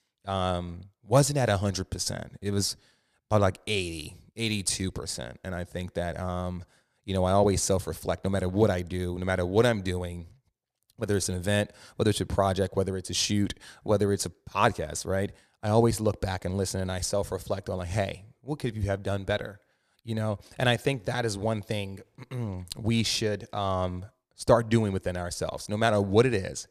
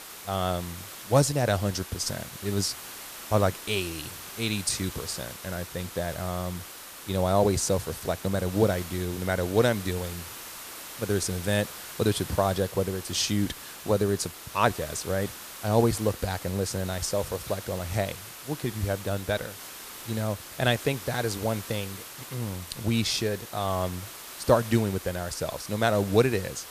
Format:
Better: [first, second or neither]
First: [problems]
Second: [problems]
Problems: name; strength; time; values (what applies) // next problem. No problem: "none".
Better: first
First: none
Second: hiss; noticeable; throughout; 10 dB below the speech